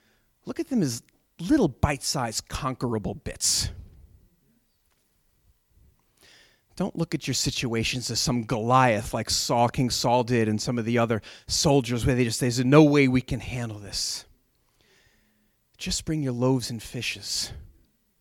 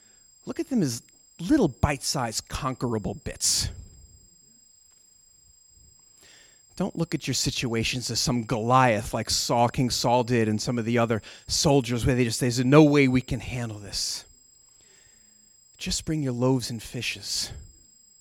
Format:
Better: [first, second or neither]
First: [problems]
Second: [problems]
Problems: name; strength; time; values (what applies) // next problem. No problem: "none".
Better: first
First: none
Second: high-pitched whine; faint; throughout; 7.5 kHz, 30 dB below the speech